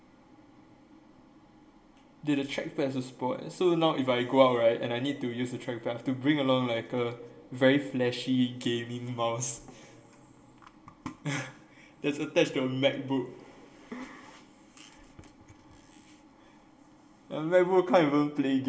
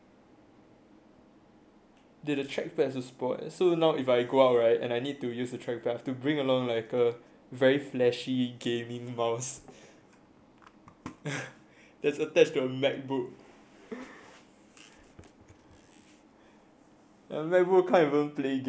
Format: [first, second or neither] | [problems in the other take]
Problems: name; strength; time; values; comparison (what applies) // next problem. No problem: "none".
second | room echo; dies away in 1.5 s